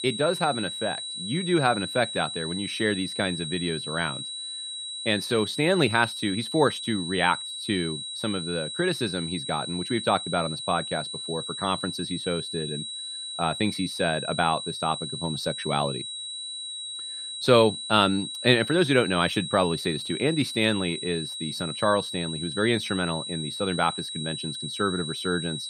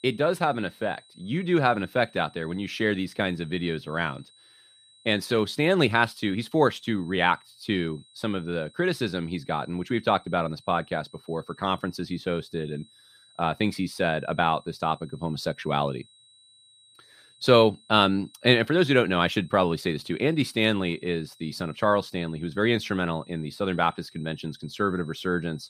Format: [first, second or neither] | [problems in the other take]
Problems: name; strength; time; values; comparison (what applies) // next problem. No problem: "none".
second | high-pitched whine; loud; throughout; 4 kHz, 6 dB below the speech; faint in the second